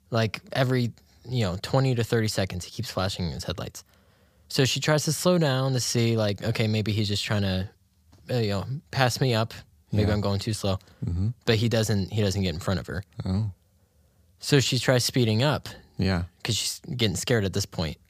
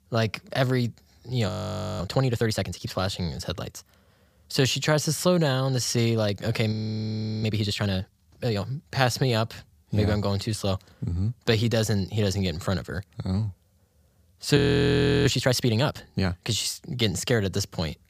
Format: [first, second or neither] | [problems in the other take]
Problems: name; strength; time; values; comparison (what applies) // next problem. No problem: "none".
first | audio freezing; at 1.5 s for 0.5 s, at 6.5 s for 0.5 s and at 15 s for 0.5 s